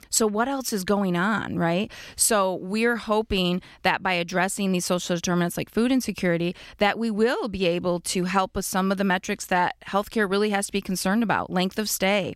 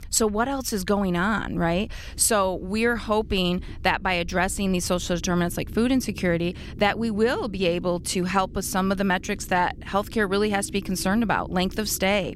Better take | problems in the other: first | low rumble; faint; throughout; 25 dB below the speech

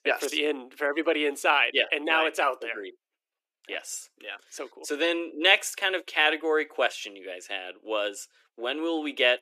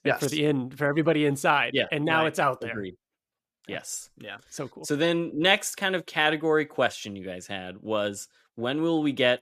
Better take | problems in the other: second | thin; somewhat; fading below 300 Hz

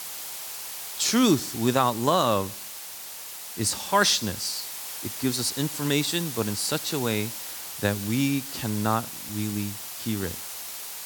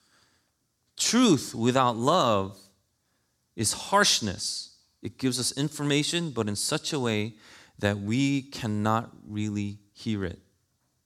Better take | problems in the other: second | hiss; loud; throughout; 8 dB below the speech

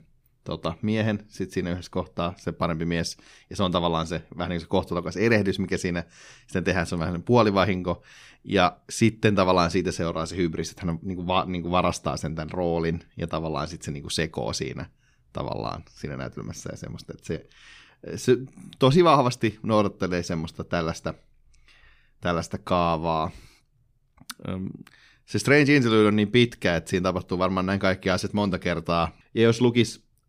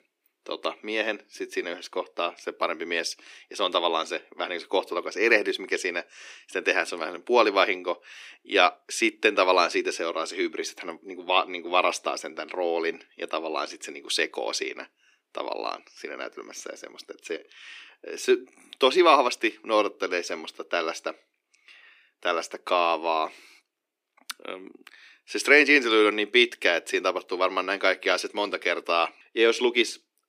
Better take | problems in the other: first | thin; somewhat; fading below 300 Hz

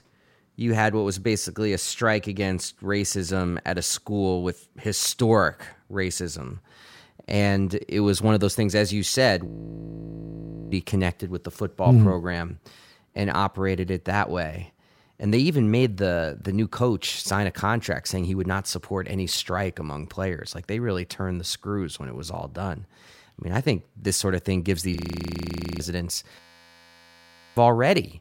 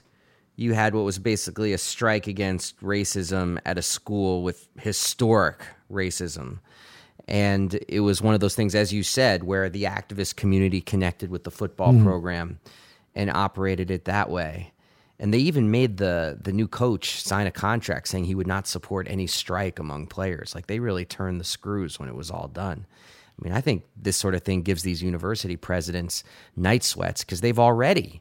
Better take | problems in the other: second | audio freezing; at 9.5 s for 1.5 s, at 25 s for 1 s and at 26 s for 1 s

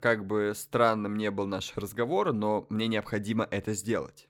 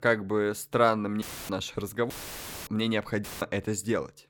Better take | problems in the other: first | audio cutting out; filled with static; at 1 s, at 2 s for 0.5 s and at 3 s

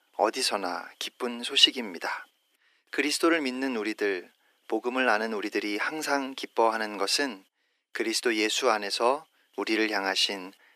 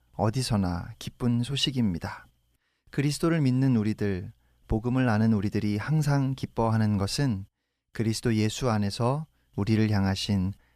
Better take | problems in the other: second | thin; very; fading below 300 Hz

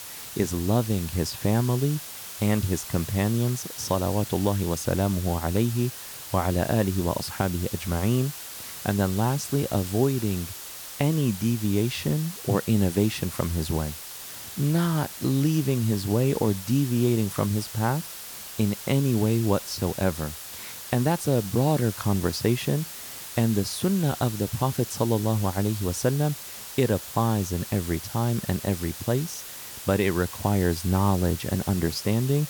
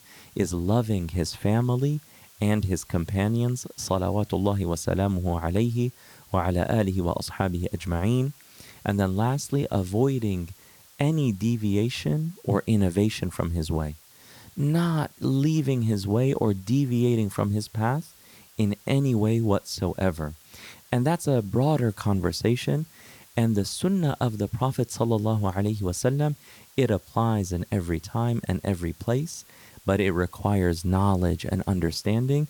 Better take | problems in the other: second | hiss; loud; throughout; 10 dB below the speech; faint in the second

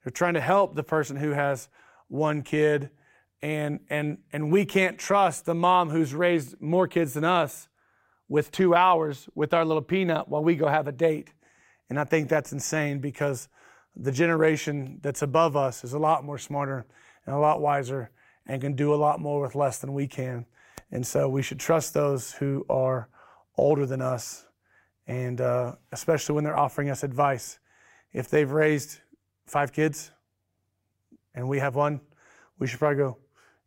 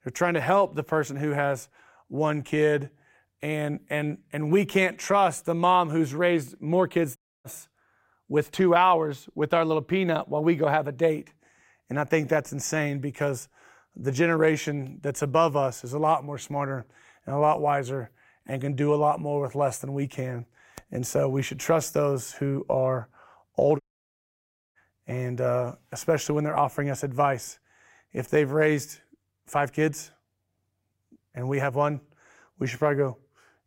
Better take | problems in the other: first | audio cutting out; at 7 s and at 24 s for 1 s

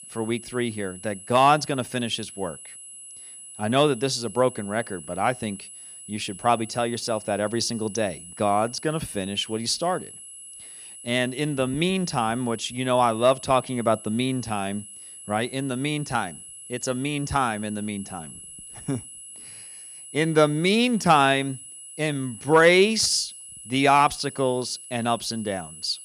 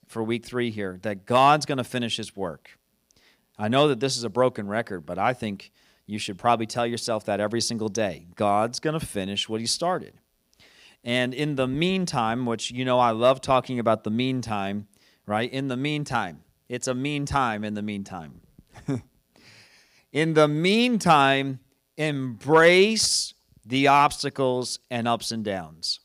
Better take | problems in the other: second | high-pitched whine; noticeable; throughout; 10.5 kHz, 15 dB below the speech

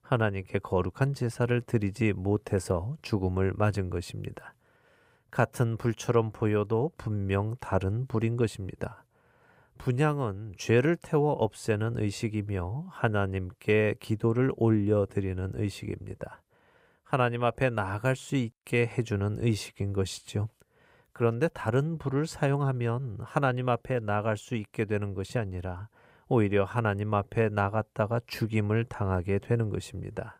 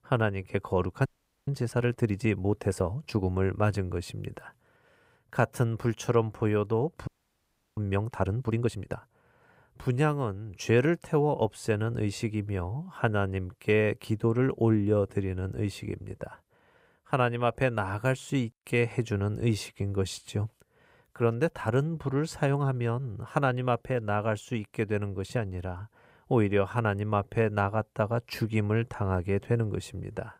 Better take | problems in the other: first | audio freezing; at 1 s and at 7 s for 0.5 s

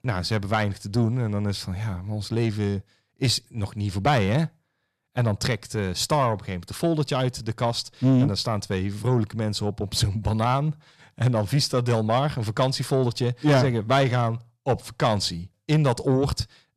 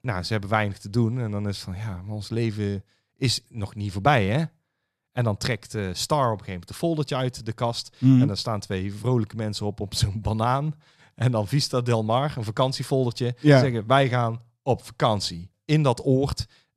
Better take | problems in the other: second | distortion; slight; 10 dB below the speech

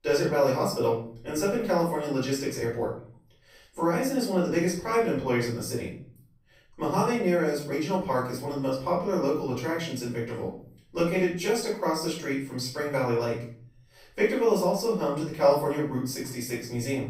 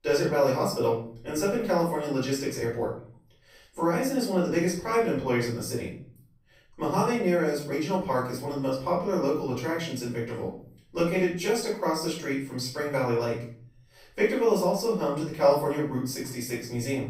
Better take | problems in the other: neither | off-mic speech; far; the same in both // room echo; noticeable; dies away in 0.5 s; the same in both

